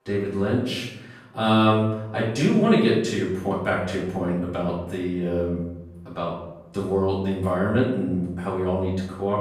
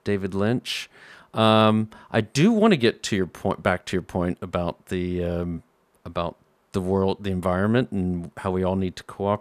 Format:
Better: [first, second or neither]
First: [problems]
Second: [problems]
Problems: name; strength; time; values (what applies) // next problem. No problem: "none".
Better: second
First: off-mic speech; far // room echo; noticeable; dies away in 0.8 s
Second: none